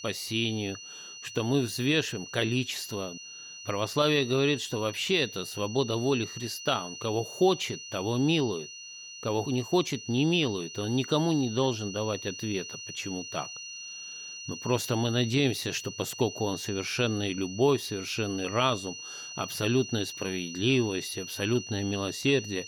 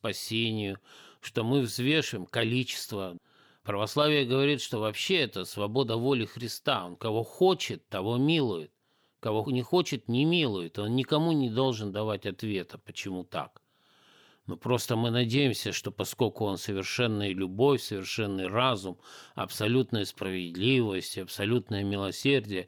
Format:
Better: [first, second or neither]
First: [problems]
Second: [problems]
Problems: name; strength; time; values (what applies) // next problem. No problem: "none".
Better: second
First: high-pitched whine; noticeable; throughout; 3 kHz, 10 dB below the speech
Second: none